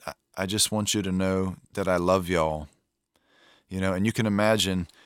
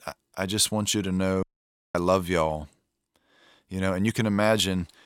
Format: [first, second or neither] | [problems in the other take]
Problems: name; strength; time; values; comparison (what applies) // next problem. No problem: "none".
first | audio cutting out; at 1.5 s for 0.5 s